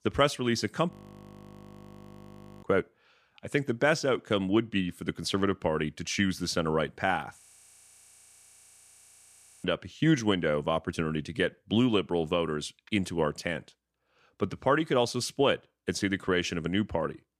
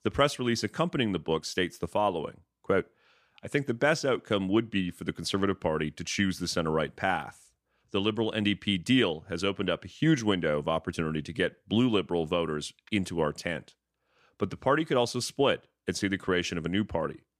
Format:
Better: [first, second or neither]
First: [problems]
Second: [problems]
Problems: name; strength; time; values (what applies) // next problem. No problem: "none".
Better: second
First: audio freezing; at 1 s for 1.5 s and at 7.5 s for 2 s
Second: none